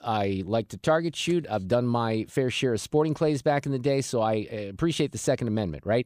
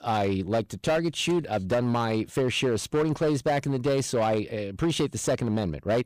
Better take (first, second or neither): first